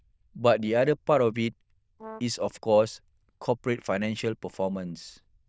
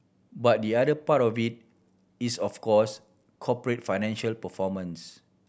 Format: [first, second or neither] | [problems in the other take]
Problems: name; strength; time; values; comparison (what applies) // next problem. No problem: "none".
second | noise reduction (neural diffusion model UNIVERSE++)